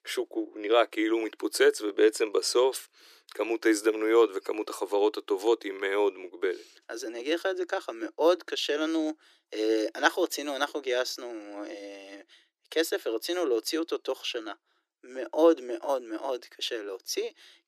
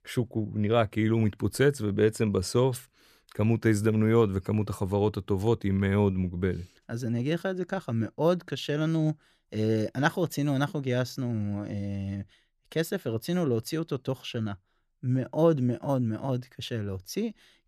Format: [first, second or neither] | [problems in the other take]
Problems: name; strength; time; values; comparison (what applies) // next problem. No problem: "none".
second | thin; very; fading below 300 Hz